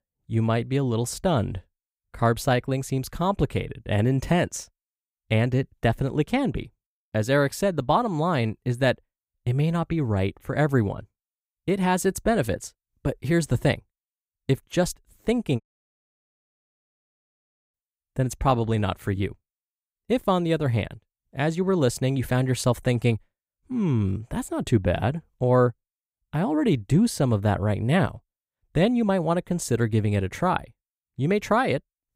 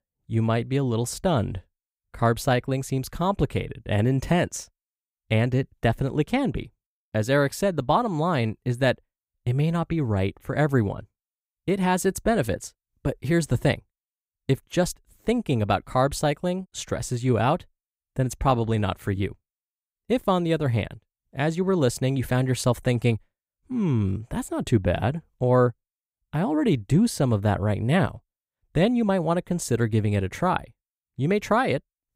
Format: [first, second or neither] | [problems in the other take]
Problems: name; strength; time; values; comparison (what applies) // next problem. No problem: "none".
second | audio cutting out; at 16 s for 2 s